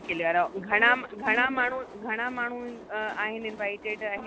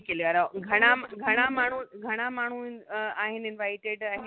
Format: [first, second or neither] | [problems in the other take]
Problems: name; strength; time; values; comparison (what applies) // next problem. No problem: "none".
second | background sound (Train); 18 dB below the speech